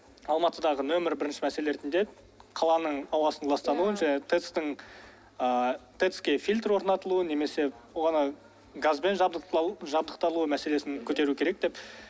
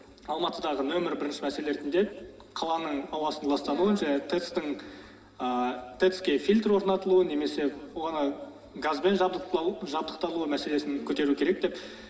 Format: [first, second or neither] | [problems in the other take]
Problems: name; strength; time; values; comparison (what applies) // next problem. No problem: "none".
first | room echo; dies away in 1.3 s